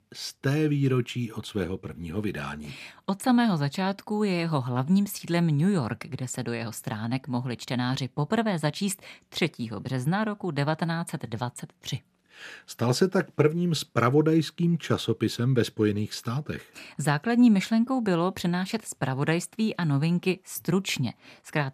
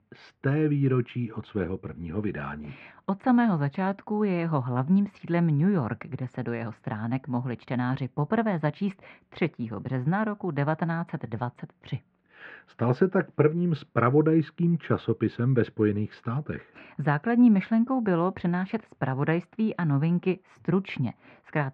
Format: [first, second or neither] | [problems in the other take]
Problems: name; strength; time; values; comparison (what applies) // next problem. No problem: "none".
first | muffled; very; fading above 2 kHz